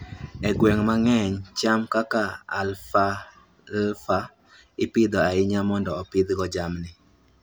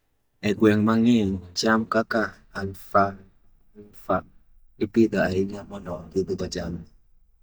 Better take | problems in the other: first | noise reduction (neural mask model DeepFilterNet 3)

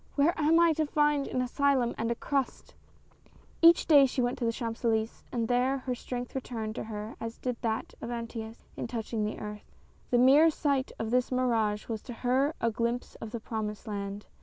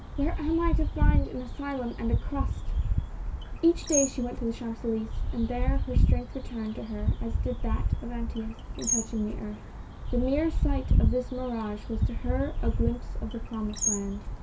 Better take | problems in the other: first | background sound (Bird); 4 dB above the speech // room echo; dies away in 0.2 s

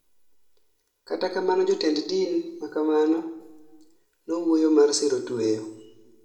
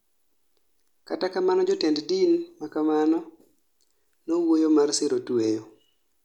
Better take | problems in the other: second | room echo; dies away in 0.8 s

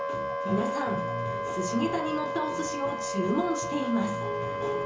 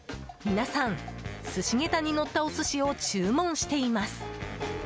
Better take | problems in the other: second | background sound (Wind instrument, woodwind instrument); 1 dB below the speech // room echo; dies away in 0.8 s

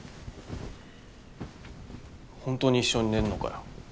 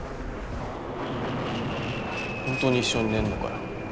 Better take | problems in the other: first | background sound (Fixed-wing aircraft, airplane); as loud as the speech

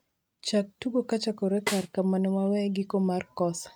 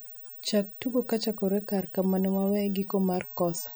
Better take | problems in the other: second | noise reduction (neural mask model RNNoise)

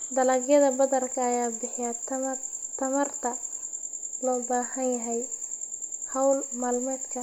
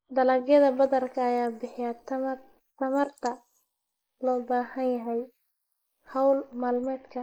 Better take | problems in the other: first | noise reduction (neural mask model Resemble Enhance denoiser)

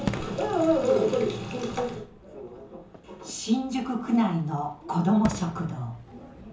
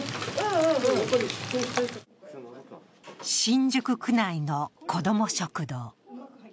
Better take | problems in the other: second | background sound (Fireworks); 13 dB below the speech // room echo; dies away in 0.6 s

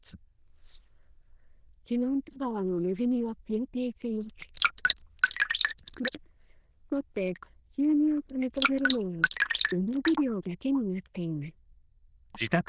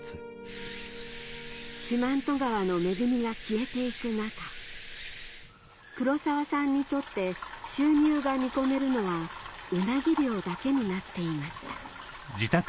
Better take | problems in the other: second | noise reduction (neural diffusion model UNIVERSE++)

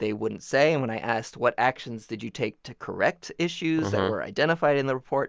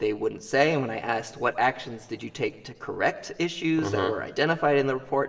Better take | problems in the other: first | room echo; dies away in 2.3 s

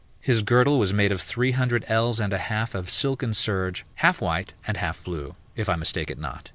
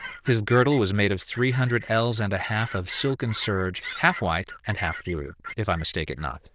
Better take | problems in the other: first | noise reduction (neural diffusion model UNIVERSE++)

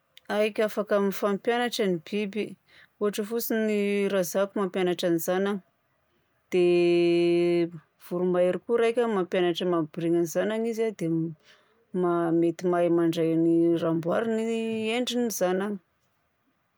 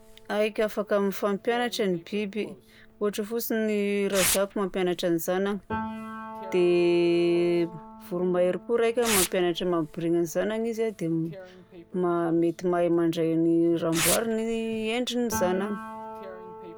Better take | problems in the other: first | background sound (Piano + Tearing); 11 dB below the speech

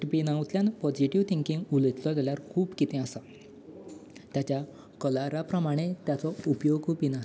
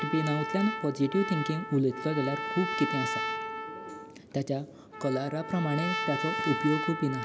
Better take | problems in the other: first | background sound (Trumpet); 5 dB below the speech

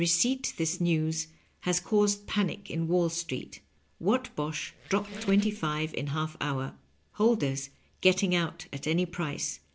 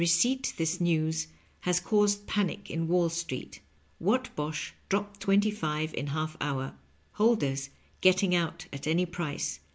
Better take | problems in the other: second | noise reduction (neural separator model SepFormer DNS4)

